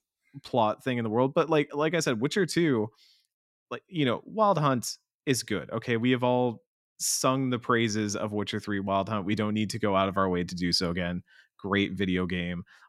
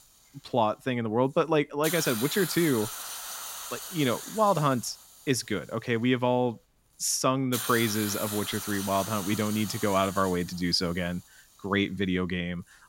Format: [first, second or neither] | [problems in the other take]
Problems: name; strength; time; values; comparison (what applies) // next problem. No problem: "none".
first | hiss; loud; throughout; 7 dB below the speech